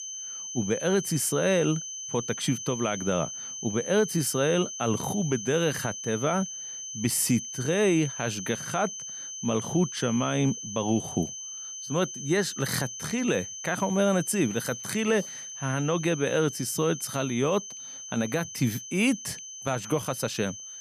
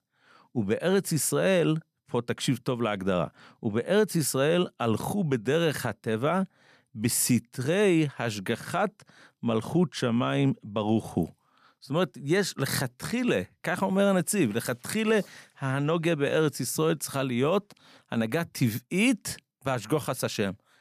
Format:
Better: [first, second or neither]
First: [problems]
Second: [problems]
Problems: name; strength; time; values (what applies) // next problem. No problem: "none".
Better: second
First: high-pitched whine; loud; throughout; 6 kHz, 8 dB below the speech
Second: none